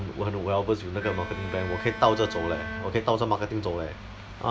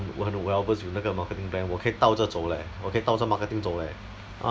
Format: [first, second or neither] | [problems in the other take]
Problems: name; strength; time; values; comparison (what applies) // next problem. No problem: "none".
second | background sound (Bowed string instrument); 11 dB below the speech